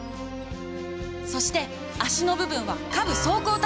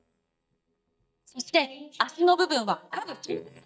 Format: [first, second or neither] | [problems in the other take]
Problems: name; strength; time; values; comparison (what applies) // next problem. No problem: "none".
first | noise reduction (neural mask model DeepFilterNet 3)